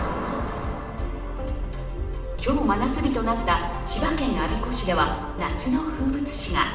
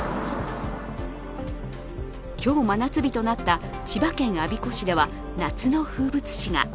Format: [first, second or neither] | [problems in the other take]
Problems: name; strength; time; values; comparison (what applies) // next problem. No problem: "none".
second | room echo; dies away in 0.9 s